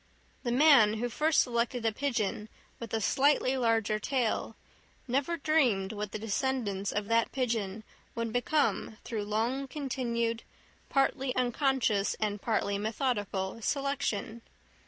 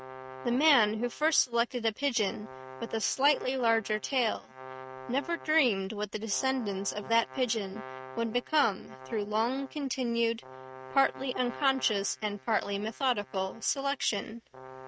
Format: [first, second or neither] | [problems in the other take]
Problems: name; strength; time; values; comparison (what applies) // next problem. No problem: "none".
first | noise reduction (neural mask model RNNoise)